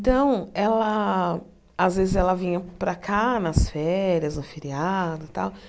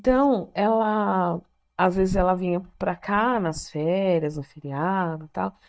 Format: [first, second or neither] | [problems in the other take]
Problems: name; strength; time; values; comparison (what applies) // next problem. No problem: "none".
first | noise reduction (neural mask model DeepFilterNet 3)